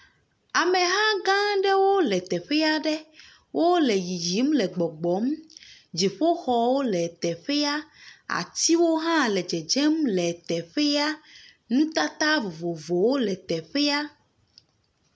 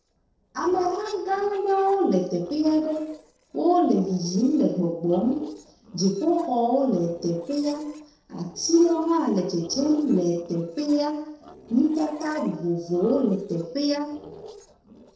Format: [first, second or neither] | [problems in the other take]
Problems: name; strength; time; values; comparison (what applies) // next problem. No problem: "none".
first | noise reduction (neural separator model SepFormer DNS4)